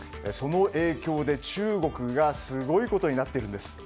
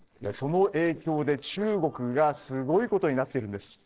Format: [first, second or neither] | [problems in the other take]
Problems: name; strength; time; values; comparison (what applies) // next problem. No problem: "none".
first | noise reduction (neural separator model SepFormer DNS4)